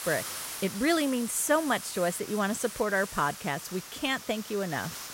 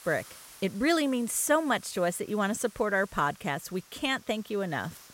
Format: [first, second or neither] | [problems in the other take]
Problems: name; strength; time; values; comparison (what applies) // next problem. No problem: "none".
second | hiss; loud; throughout; 9 dB below the speech; faint in the second